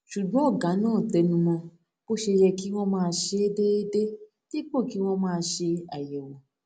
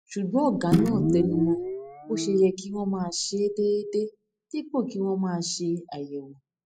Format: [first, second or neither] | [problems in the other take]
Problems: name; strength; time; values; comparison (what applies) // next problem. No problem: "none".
first | noise reduction (classical method spectral subtraction)